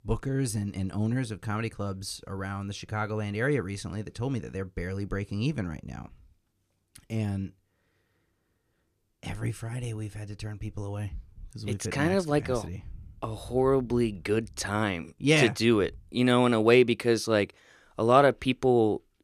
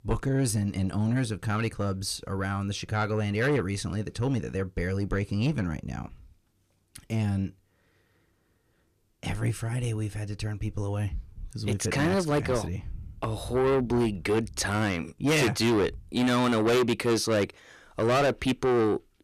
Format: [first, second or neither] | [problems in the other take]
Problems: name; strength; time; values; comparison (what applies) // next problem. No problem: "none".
first | distortion; heavy; 6 dB below the speech